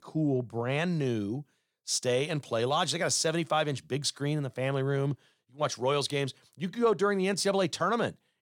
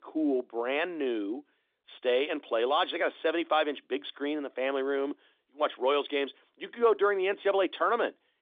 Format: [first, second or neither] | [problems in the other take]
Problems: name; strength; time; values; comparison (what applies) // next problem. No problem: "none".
first | phone-call audio